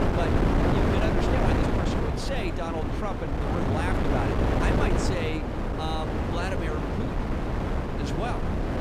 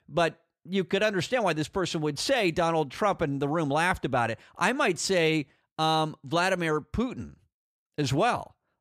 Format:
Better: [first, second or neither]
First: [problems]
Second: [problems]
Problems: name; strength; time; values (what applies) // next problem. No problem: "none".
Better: second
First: wind noise on the microphone; heavy; 4 dB above the speech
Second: none